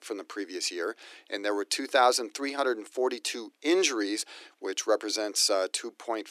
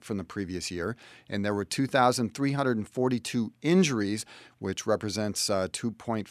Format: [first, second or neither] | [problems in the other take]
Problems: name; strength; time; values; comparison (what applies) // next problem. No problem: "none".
second | thin; somewhat; fading below 300 Hz